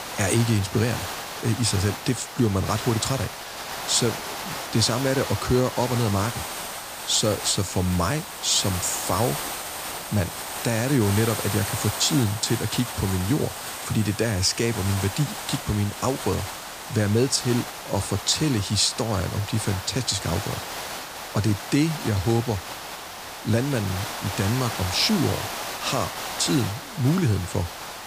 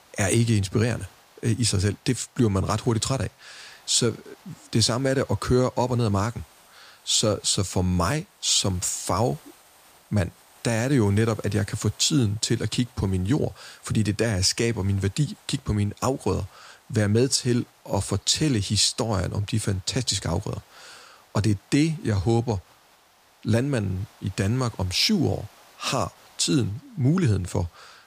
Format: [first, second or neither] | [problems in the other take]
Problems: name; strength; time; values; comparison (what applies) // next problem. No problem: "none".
second | hiss; loud; throughout; 7 dB below the speech; faint in the second